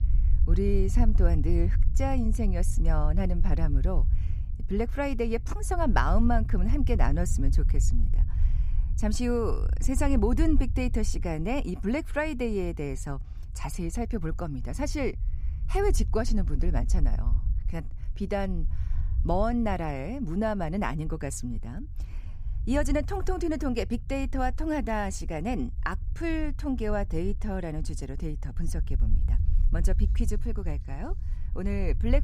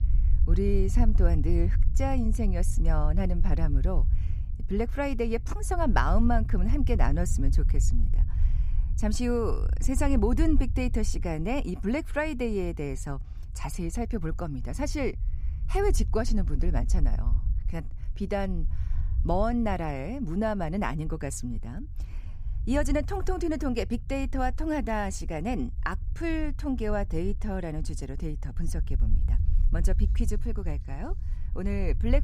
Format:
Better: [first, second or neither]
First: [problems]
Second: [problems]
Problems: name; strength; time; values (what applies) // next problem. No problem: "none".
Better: neither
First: low rumble; noticeable; throughout; 20 dB below the speech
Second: low rumble; noticeable; throughout; 20 dB below the speech